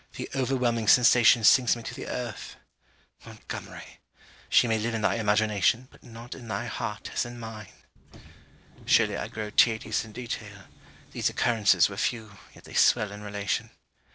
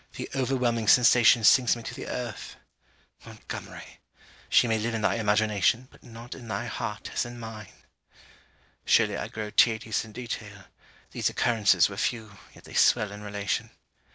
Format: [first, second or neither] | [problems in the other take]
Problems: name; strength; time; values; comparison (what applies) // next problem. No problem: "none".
second | background sound (Subway, metro, underground); 20 dB below the speech